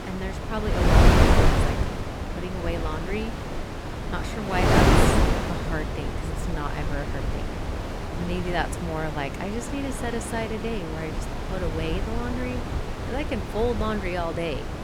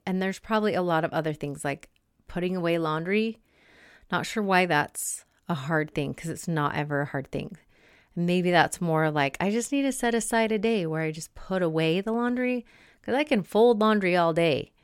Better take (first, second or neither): second